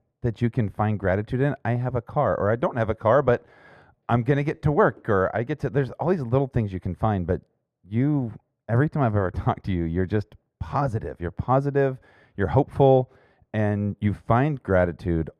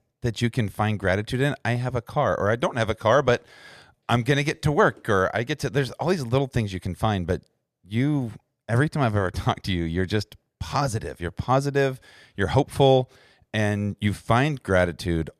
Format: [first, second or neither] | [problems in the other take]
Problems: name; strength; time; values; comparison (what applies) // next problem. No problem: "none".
second | muffled; very; fading above 2.5 kHz